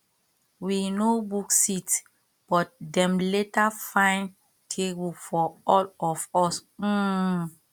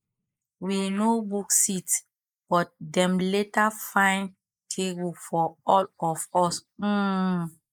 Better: first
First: none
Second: noise reduction (neural mask model Resemble Enhance denoiser)

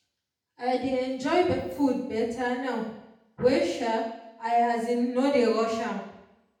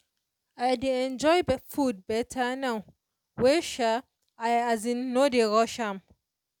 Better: second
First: room echo; dies away in 0.8 s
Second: none

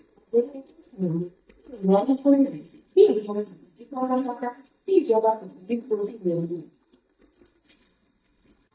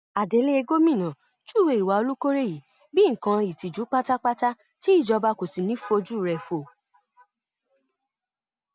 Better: second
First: noise reduction (neural mask model DeepFilterNet 3)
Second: none

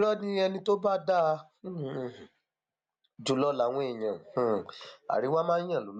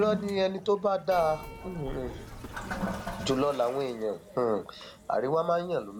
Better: first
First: none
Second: background sound (Keyboard (musical) + Toilet flush); 10 dB below the speech

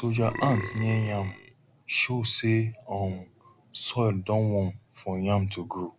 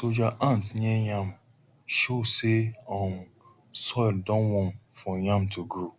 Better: second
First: background sound (Burping, eructation); 10 dB below the speech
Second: none

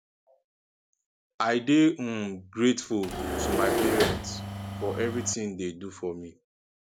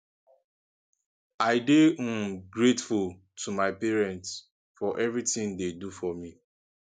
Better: second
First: background sound (Engine / Mechanisms); 1 dB below the speech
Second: none

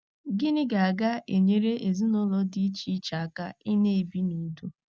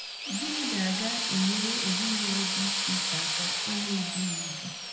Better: first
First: none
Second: background sound (Drill); 3 dB above the speech // room echo; dies away in 0.8 s

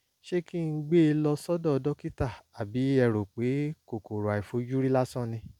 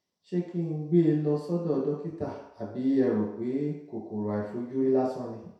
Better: first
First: none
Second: room echo; dies away in 0.7 s

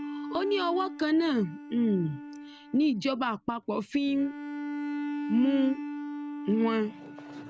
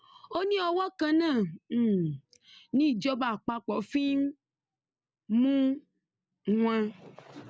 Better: second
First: background sound (Bowed string instrument); 9 dB below the speech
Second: none

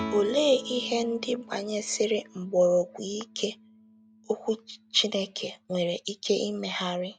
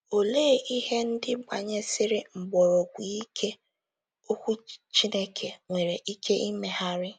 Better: second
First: background sound (Guitar); 16 dB below the speech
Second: none

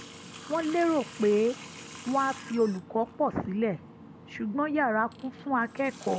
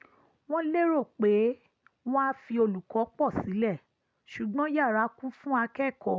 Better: second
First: background sound (Water tap, faucet); 16 dB below the speech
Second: none

